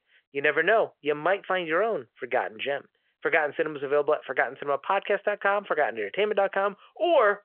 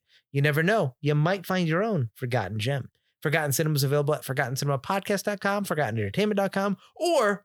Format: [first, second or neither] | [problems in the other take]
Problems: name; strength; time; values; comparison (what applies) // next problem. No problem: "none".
second | phone-call audio